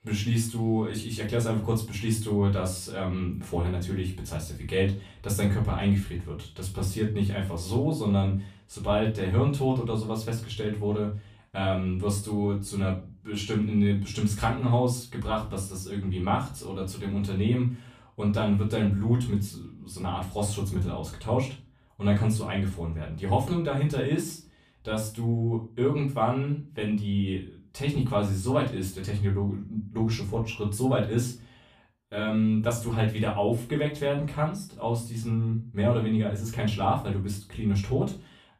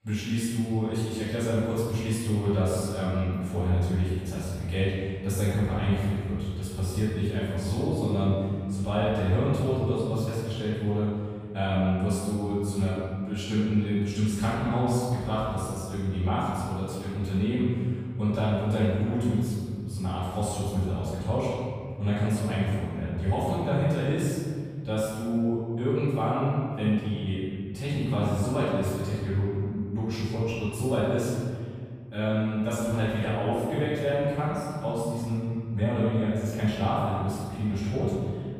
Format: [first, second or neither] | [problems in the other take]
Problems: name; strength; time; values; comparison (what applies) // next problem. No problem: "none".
first | room echo; strong; dies away in 2 s; slight in the first // off-mic speech; far; far in the first